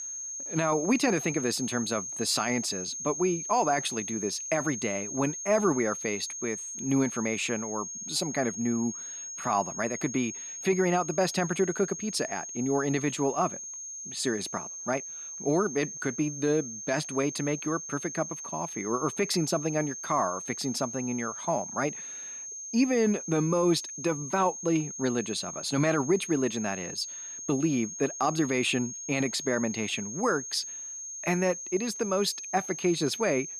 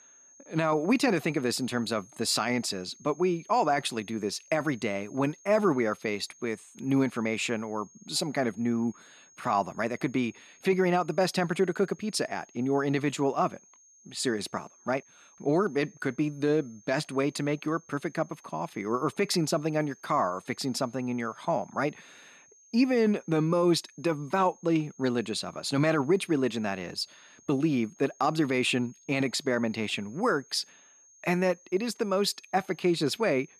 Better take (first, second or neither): second